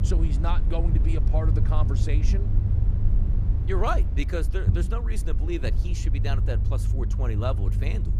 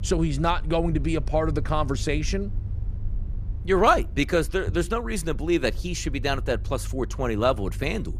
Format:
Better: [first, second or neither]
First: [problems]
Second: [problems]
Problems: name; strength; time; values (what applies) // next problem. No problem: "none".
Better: second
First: low rumble; loud; throughout; 7 dB below the speech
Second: low rumble; faint; throughout; 25 dB below the speech